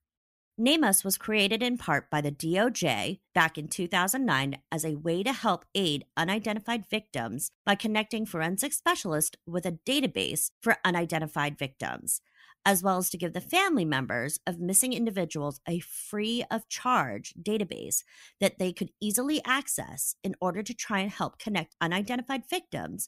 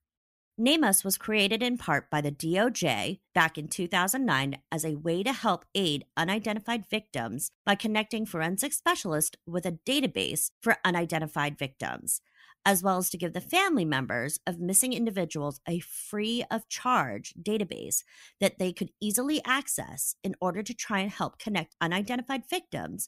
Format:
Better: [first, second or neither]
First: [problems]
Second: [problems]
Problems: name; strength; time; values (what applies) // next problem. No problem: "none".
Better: neither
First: none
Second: none